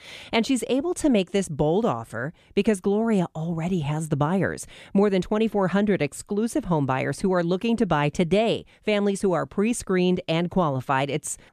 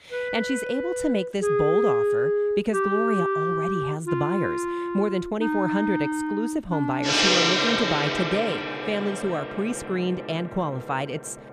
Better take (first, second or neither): first